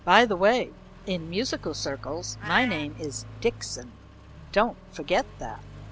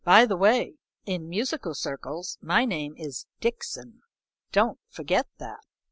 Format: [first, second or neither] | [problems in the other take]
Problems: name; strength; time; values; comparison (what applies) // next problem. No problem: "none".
second | background sound (Meow + Accelerating, revving, vroom); 13 dB below the speech